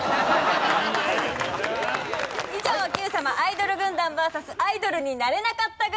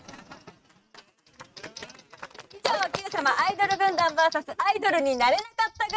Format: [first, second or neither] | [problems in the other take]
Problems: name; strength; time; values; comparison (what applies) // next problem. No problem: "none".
first | noise reduction (neural mask model RNNoise)